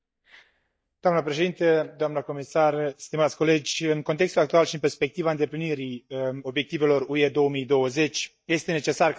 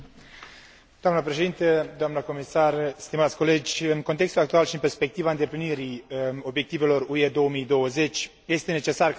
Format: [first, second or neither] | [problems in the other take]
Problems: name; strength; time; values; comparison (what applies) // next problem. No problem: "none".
second | noise reduction (neural mask model DeepFilterNet 3)